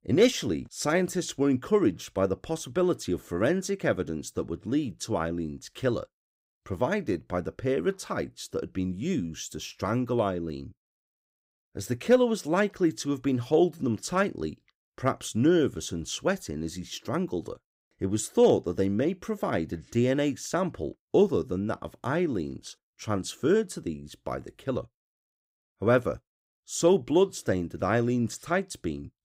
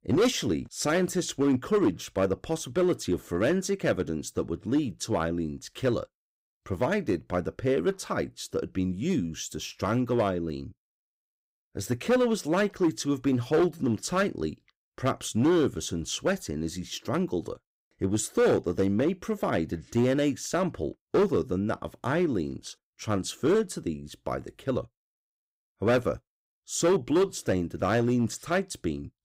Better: first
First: none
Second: distortion; slight; 4% of the sound clipped

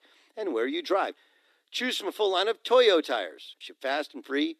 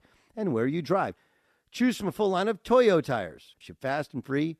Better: second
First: thin; somewhat; fading below 300 Hz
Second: none

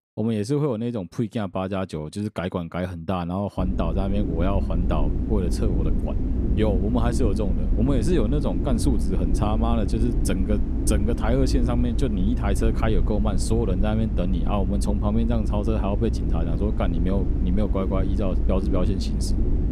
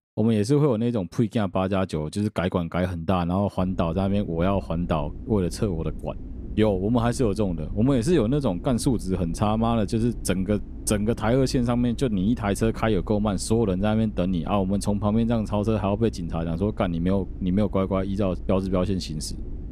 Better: second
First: low rumble; loud; from 3.5 s on; 7 dB below the speech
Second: low rumble; faint; from 3.5 s on; 20 dB below the speech

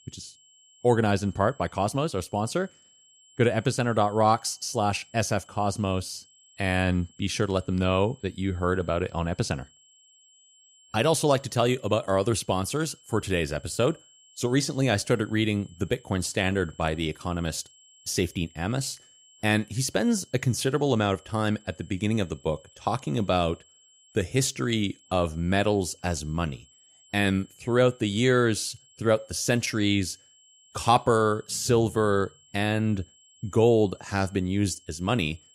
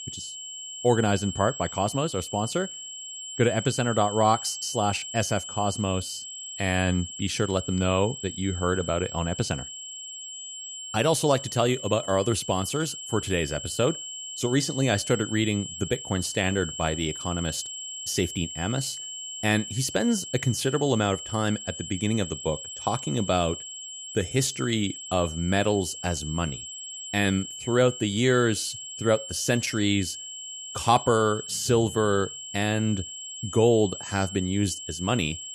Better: first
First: high-pitched whine; faint; throughout; 3 kHz, 30 dB below the speech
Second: high-pitched whine; loud; throughout; 3 kHz, 9 dB below the speech

